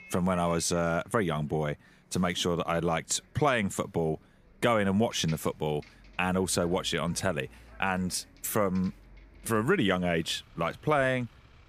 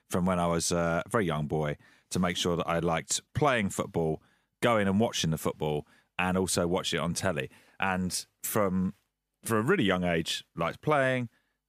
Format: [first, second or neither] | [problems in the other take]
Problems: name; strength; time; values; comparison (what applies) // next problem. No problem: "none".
second | traffic noise; faint; throughout; 25 dB below the speech